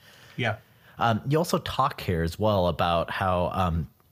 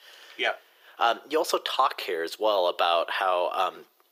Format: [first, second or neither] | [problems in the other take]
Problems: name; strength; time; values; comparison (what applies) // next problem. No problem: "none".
first | thin; very; fading below 350 Hz